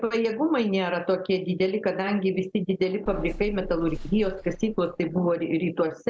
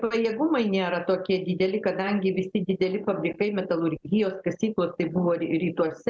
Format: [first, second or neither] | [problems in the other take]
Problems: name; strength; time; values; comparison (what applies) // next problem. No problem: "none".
second | background sound (Bus / Engine); 12 dB below the speech